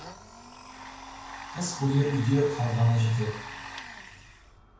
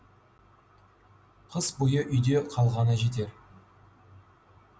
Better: second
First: background sound (Domestic sounds, home sounds); 13 dB below the speech // room echo; dies away in 0.5 s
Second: none

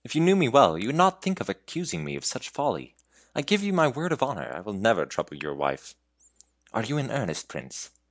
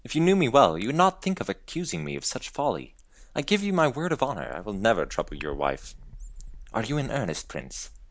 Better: first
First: none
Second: background sound (Bird); 18 dB below the speech

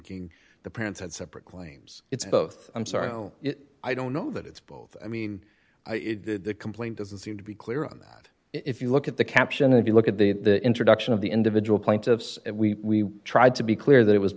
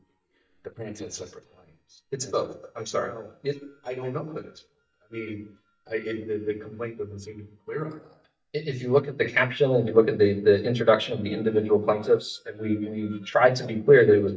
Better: first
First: none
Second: noise reduction (neural mask model DeepFilterNet 3)

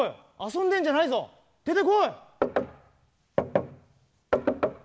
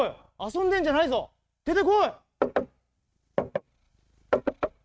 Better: first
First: none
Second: noise reduction (neural mask model RNNoise)

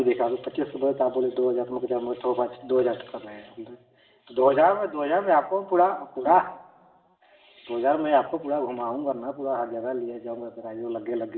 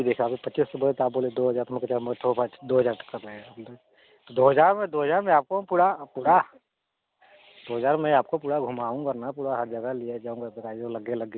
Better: second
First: room echo; dies away in 1.5 s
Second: none

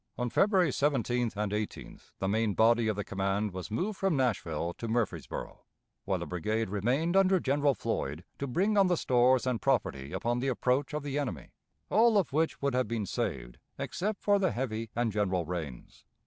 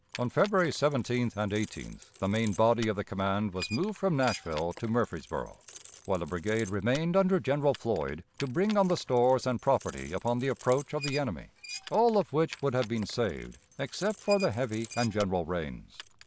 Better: first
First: none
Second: background sound (Squeak + Keys jangling); 17 dB below the speech

